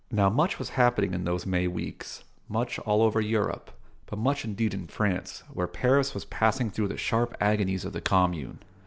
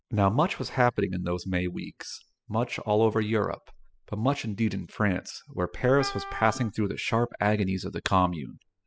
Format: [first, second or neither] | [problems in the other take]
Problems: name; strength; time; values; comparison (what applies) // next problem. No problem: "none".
first | noise reduction (classical method spectral subtraction)